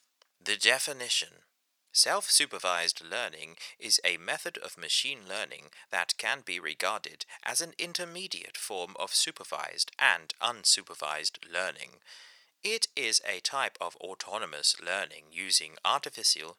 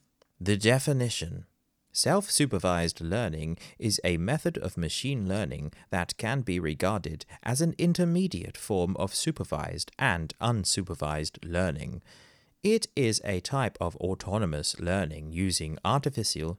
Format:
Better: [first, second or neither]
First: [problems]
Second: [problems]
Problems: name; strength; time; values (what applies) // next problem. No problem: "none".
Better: second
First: thin; very; fading below 850 Hz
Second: none